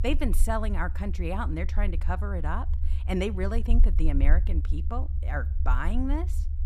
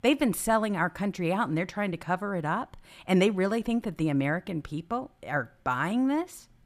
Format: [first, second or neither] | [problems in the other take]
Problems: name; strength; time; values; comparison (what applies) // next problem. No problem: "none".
second | low rumble; noticeable; throughout; 15 dB below the speech